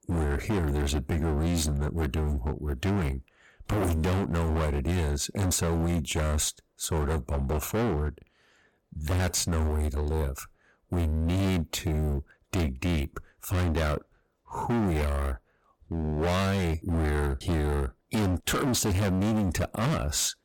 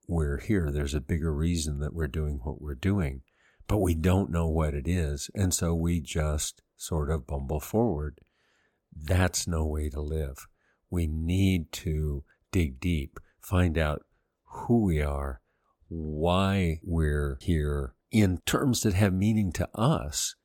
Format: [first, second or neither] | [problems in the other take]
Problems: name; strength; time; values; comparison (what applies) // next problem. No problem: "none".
second | distortion; heavy; 29% of the sound clipped